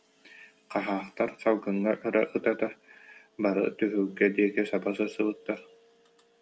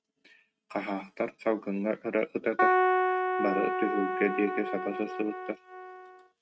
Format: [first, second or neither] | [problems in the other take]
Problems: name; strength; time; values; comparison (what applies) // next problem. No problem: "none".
first | noise reduction (neural mask model RNNoise)